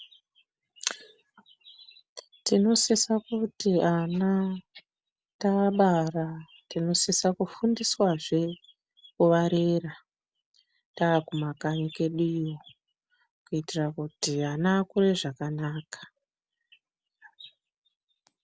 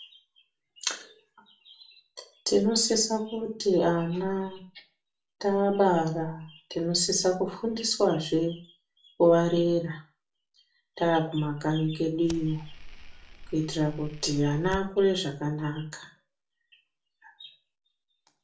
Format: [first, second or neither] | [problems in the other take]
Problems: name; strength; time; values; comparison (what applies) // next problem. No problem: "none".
first | background sound (Fire); 13 dB below the speech // room echo; dies away in 0.3 s